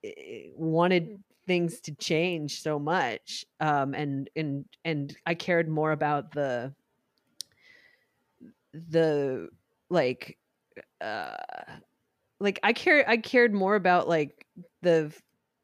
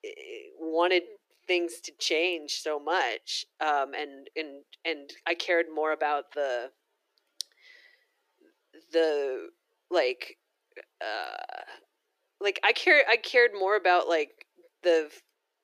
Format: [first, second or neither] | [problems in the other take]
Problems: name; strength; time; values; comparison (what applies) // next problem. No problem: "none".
first | thin; very; fading below 350 Hz